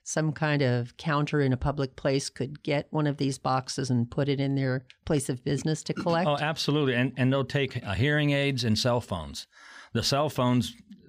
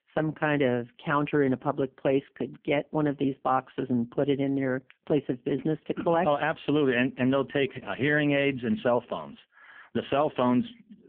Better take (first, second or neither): first